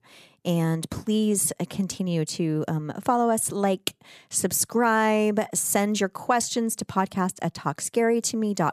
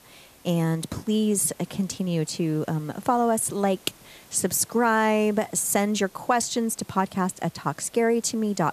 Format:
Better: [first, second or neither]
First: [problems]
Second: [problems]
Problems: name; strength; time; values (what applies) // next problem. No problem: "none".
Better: first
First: none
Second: hiss; faint; throughout; 25 dB below the speech